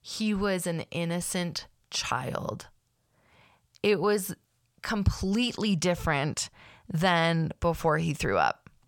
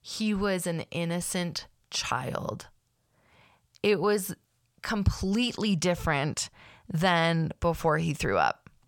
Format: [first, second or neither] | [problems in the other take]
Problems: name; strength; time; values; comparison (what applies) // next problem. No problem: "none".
neither | none